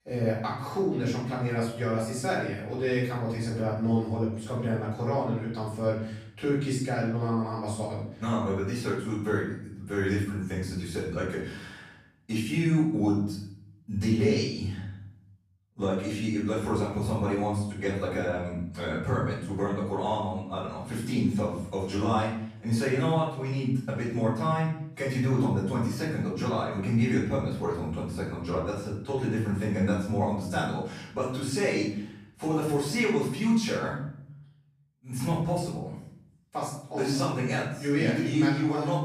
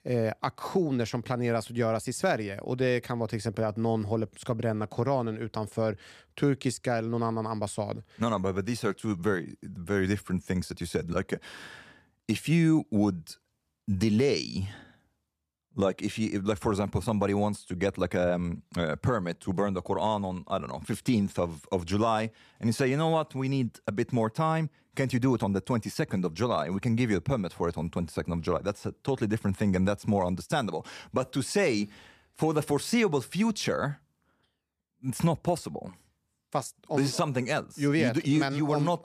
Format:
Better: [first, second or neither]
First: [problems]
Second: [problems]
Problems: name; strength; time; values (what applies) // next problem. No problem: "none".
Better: second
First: room echo; noticeable; dies away in 0.6 s // off-mic speech; far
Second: none